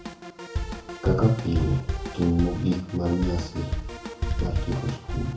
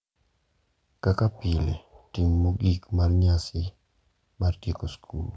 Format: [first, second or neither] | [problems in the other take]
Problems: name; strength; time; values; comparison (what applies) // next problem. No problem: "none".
second | background sound (Drum kit); 4 dB below the speech // room echo; dies away in 0.6 s